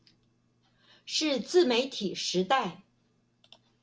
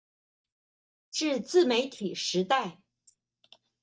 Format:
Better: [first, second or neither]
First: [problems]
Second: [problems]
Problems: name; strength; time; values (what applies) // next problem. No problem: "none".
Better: first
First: none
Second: noise reduction (neural mask model DeepFilterNet 3)